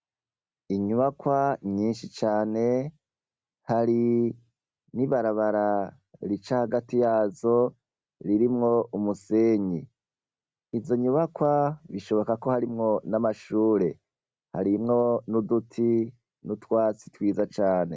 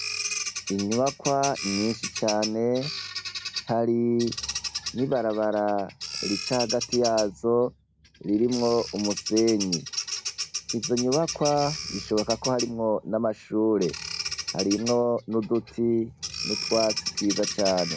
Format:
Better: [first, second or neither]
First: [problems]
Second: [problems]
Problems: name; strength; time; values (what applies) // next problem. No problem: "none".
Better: first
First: none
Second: background sound (Bird vocalization, bird call, bird song); 8 dB below the speech